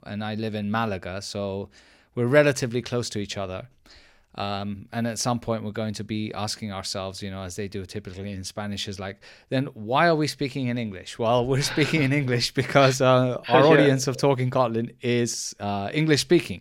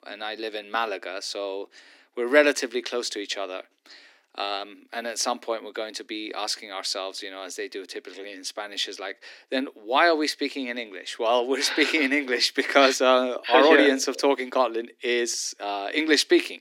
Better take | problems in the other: first | thin; very slightly; fading below 250 Hz

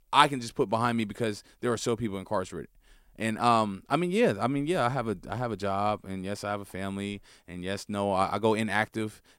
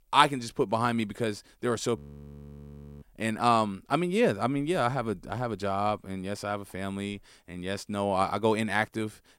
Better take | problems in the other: first | audio freezing; at 2 s for 1 s

